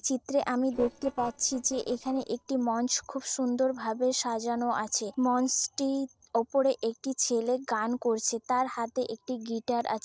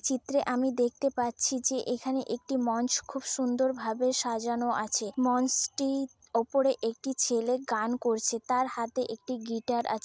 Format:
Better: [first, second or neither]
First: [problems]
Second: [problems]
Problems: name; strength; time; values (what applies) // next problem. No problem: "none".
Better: second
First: noise reduction (neural separator model SepFormer DNS4)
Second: none